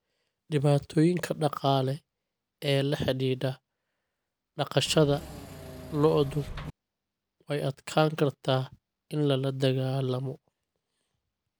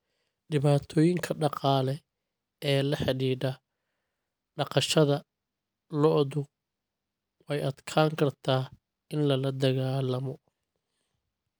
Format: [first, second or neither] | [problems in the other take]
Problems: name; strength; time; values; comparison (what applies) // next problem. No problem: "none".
second | background sound (Engine / Mechanisms); 12 dB below the speech